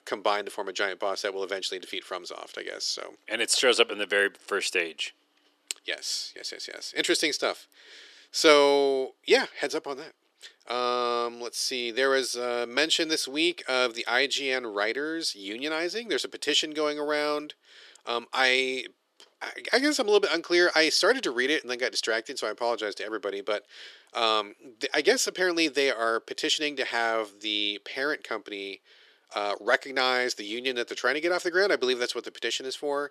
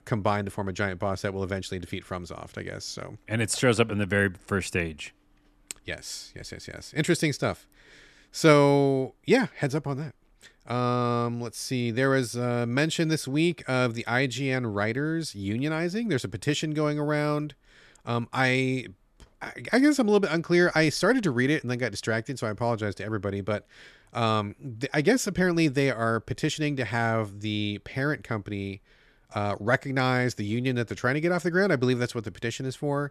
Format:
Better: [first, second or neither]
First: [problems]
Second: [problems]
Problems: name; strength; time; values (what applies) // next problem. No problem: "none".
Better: second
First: thin; somewhat; fading below 350 Hz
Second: none